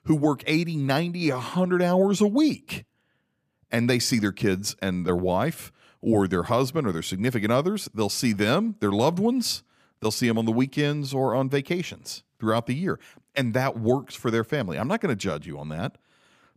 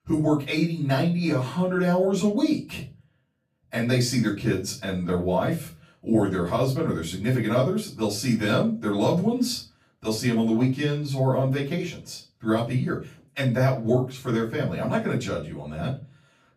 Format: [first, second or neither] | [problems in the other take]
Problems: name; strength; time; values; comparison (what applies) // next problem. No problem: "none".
first | room echo; slight; dies away in 0.3 s // off-mic speech; far